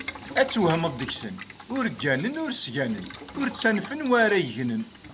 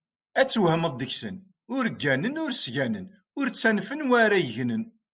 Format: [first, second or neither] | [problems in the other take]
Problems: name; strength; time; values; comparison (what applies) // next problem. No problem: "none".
second | background sound (Boiling); 14 dB below the speech